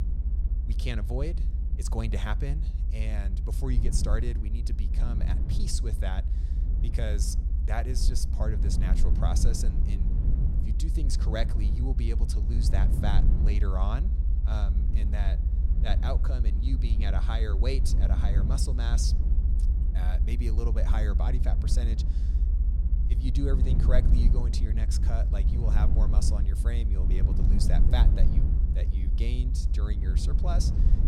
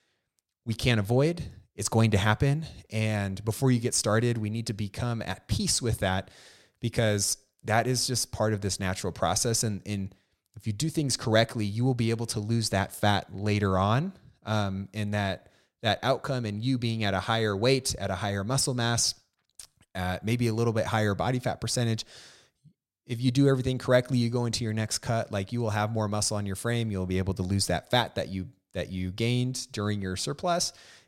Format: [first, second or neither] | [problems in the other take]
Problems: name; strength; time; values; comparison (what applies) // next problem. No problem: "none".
second | low rumble; loud; throughout; 6 dB below the speech